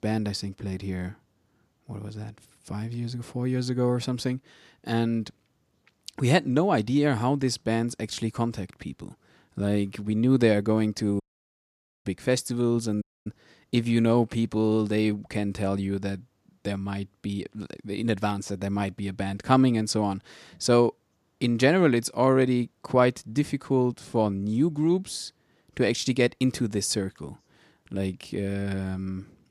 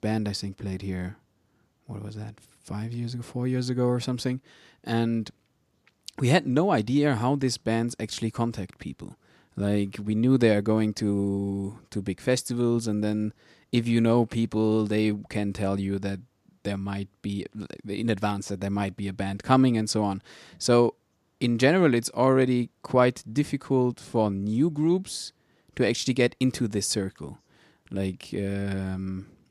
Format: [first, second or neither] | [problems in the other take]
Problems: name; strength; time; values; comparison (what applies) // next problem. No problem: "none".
second | audio cutting out; at 11 s for 1 s and at 13 s